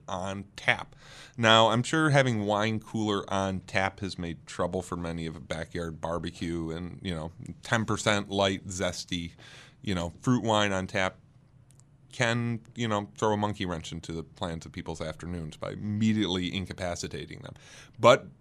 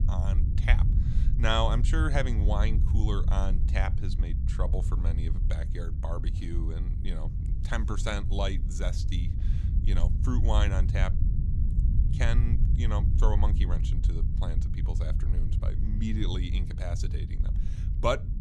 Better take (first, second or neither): first